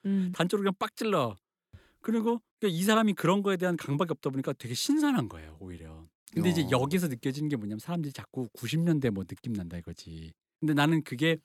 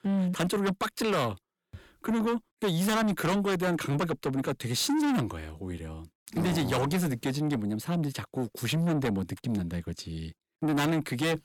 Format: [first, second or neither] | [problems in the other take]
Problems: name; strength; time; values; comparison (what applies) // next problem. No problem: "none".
first | distortion; heavy; 7 dB below the speech